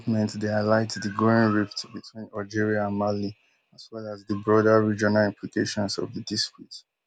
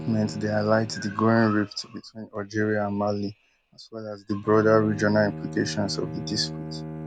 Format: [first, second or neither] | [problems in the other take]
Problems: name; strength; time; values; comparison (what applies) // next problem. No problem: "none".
first | background sound (Bowed string instrument); 13 dB below the speech